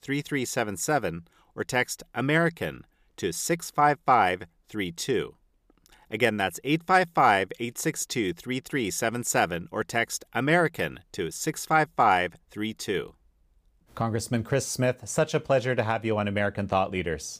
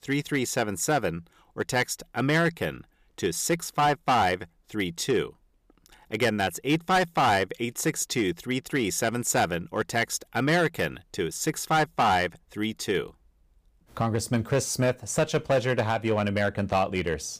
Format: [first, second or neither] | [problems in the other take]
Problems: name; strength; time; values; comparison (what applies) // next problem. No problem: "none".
first | distortion; slight; 5% of the sound clipped